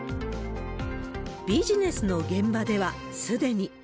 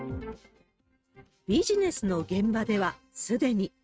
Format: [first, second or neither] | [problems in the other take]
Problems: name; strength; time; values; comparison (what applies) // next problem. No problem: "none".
first | noise reduction (neural mask model RNNoise)